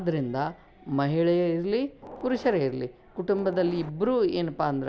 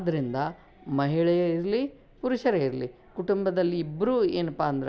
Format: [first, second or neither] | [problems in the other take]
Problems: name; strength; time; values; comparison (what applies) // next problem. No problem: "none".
second | background sound (Train); 16 dB below the speech